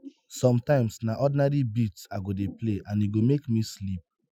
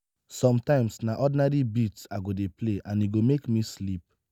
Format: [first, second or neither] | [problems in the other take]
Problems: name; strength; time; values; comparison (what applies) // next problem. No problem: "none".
second | noise reduction (classical method Wiener filter)